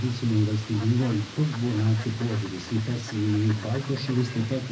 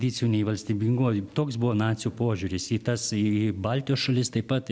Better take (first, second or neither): second